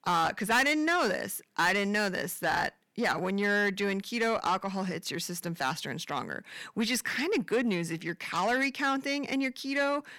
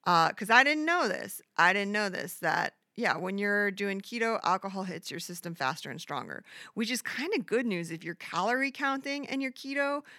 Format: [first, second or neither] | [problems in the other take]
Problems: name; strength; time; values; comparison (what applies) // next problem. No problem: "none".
second | distortion; heavy; 7 dB below the speech